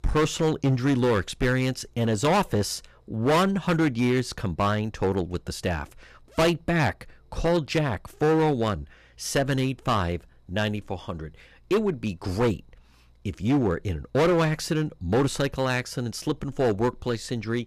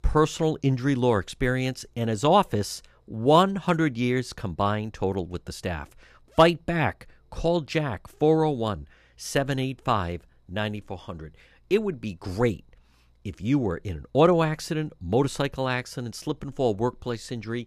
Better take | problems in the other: second | distortion; heavy; 8% of the sound clipped

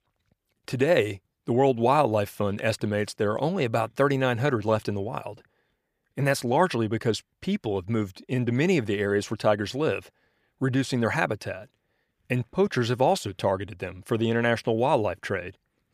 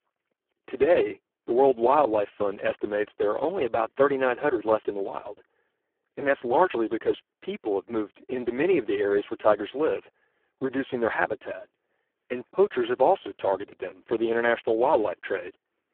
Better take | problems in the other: first | phone-call audio; poor line

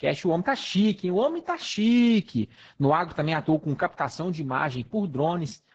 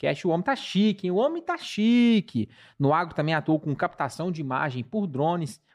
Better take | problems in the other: second | garbled, watery; badly; nothing above 7 kHz

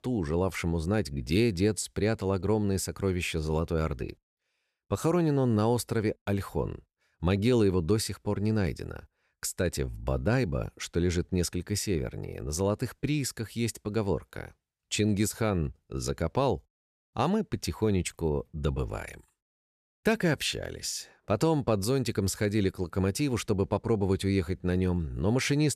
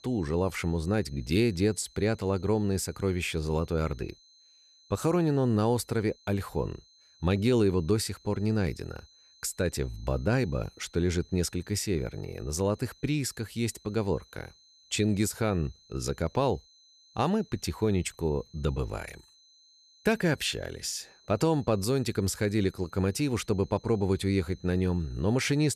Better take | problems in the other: first | high-pitched whine; faint; throughout; 4 kHz, 30 dB below the speech

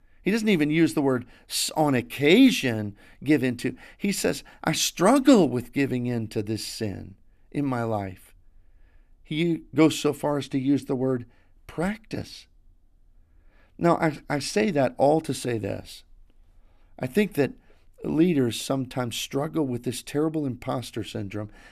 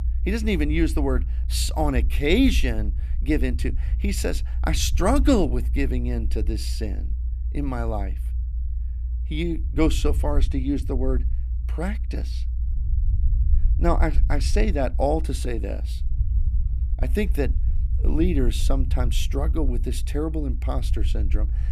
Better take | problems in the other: first | low rumble; noticeable; throughout; 20 dB below the speech

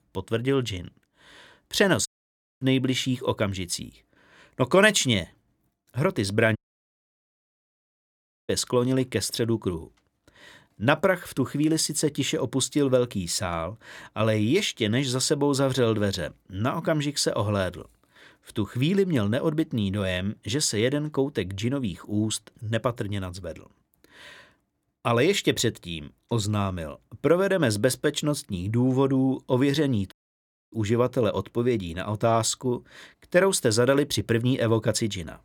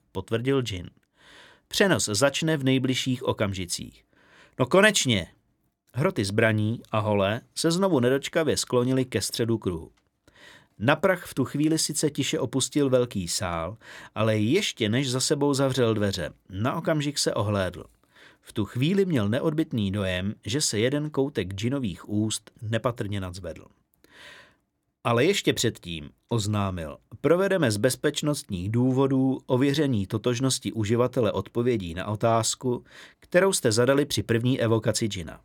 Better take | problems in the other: second | audio cutting out; at 2 s for 0.5 s, at 6.5 s for 2 s and at 30 s for 0.5 s

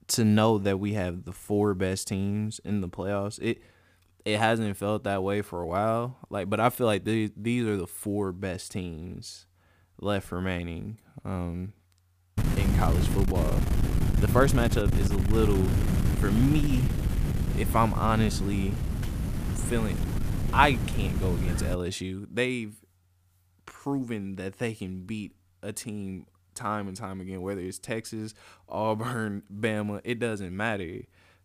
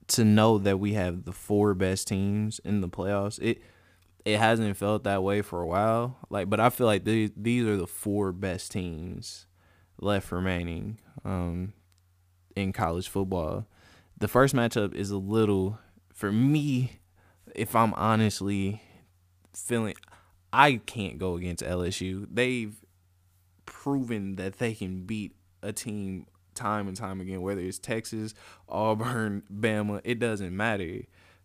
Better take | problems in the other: second | wind noise on the microphone; heavy; from 12 to 22 s; 7 dB below the speech

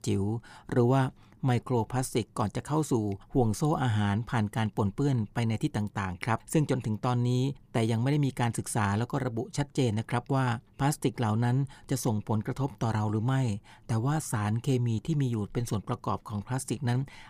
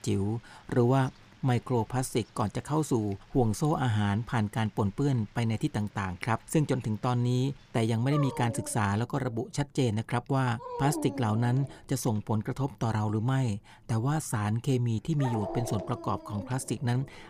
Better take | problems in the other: first | animal sounds; noticeable; throughout; 10 dB below the speech

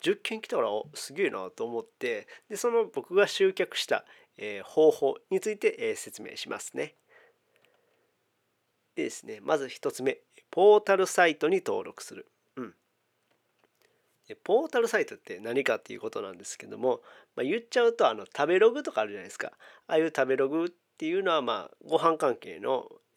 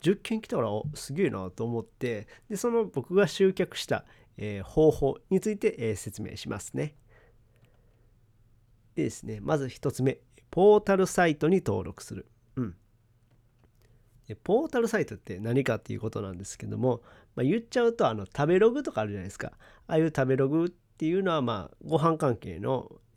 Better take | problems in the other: second | thin; somewhat; fading below 450 Hz

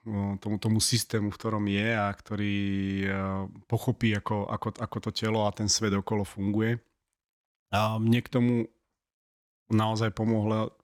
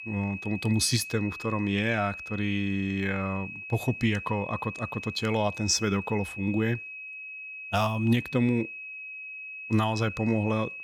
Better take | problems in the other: first | high-pitched whine; loud; throughout; 2.5 kHz, 9 dB below the speech

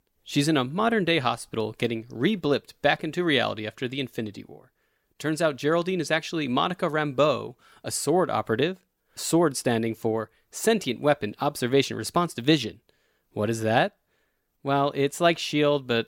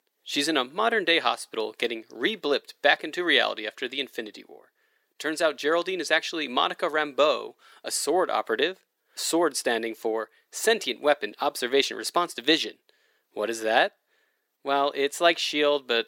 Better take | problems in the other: first | thin; somewhat; fading below 350 Hz

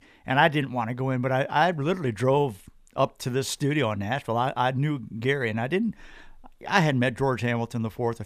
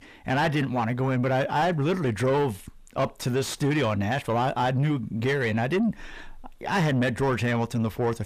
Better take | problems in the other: first | distortion; heavy; 7 dB below the speech

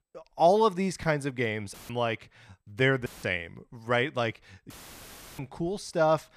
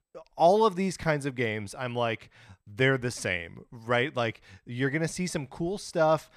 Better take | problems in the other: second | audio cutting out; filled with static; at 1.5 s, at 3 s and at 4.5 s for 0.5 s

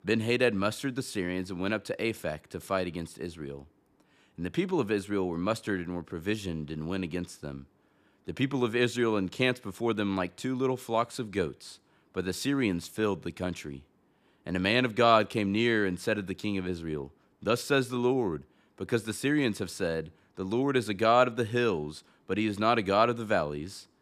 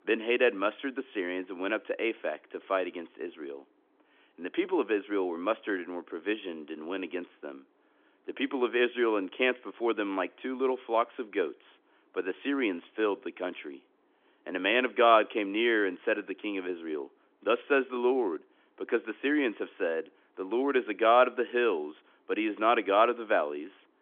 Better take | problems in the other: first | phone-call audio; nothing above 3.5 kHz

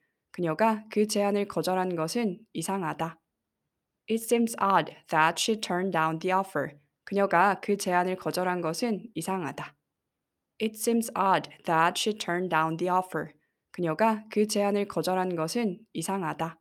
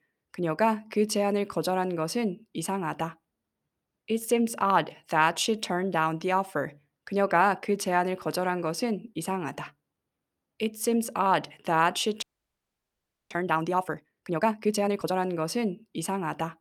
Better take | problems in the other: first | audio freezing; at 12 s for 1 s

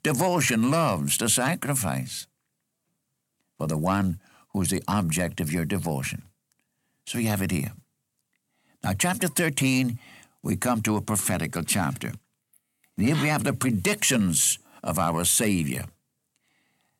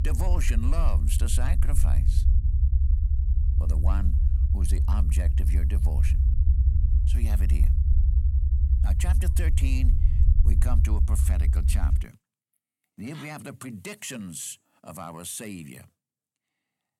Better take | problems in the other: first | low rumble; loud; until 12 s; 4 dB below the speech

